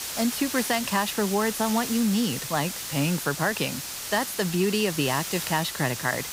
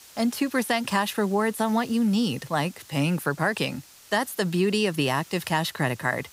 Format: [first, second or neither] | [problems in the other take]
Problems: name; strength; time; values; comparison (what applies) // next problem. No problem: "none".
second | hiss; loud; throughout; 5 dB below the speech; faint in the second